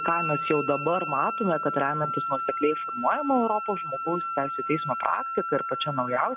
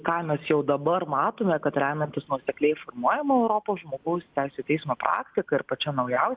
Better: second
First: background sound (Wind instrument, woodwind instrument); 4 dB below the speech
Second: none

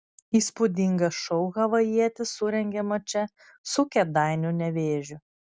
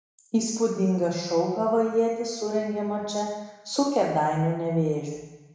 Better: first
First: none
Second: room echo; dies away in 1 s

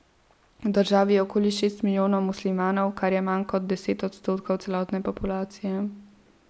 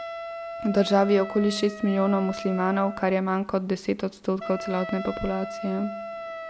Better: first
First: none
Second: background sound (Wind instrument, woodwind instrument); 11 dB below the speech

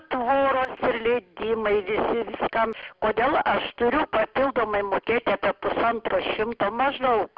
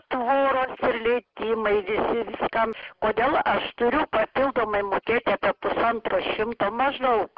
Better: first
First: none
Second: noise reduction (neural mask model Resemble Enhance denoiser)

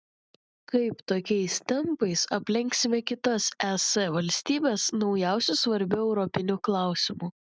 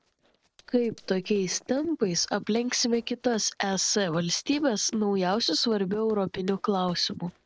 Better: first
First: none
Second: noise reduction (neural separator model SepFormer DNS4)

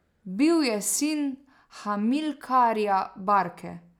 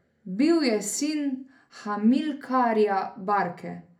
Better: first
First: none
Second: room echo; dies away in 0.3 s

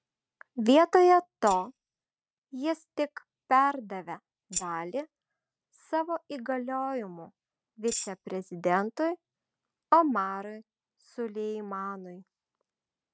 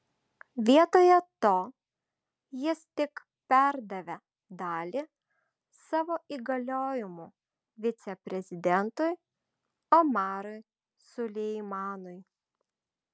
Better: second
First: noise reduction (neural mask model RNNoise)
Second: none

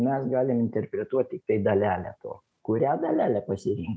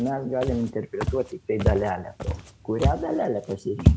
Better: first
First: none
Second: background sound (Walk, footsteps); as loud as the speech

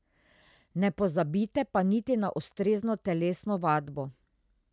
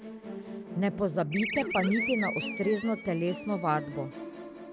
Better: first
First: none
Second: background sound (Animal + Musical instrument); 6 dB below the speech

